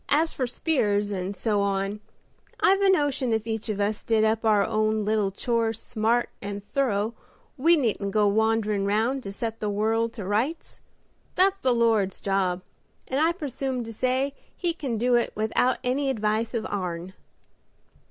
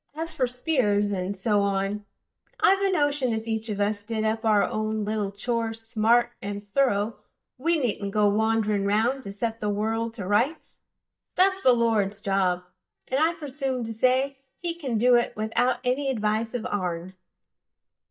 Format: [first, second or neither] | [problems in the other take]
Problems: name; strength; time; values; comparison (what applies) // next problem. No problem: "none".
first | noise reduction (neural mask model DeepFilterNet 3)